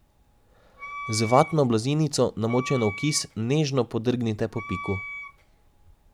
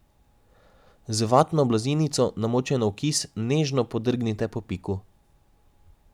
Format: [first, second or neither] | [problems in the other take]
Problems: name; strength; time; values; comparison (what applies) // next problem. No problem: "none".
second | background sound (Wind instrument, woodwind instrument); 13 dB below the speech